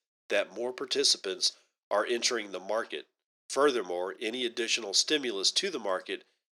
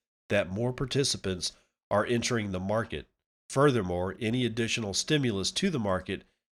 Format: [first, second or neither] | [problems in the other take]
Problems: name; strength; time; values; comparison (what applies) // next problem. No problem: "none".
second | thin; somewhat; fading below 350 Hz